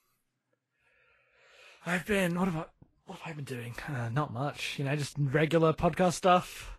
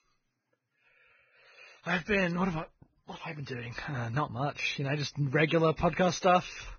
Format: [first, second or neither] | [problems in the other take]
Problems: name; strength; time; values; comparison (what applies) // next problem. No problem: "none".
first | garbled, watery; badly; nothing above 6.5 kHz; slightly in the first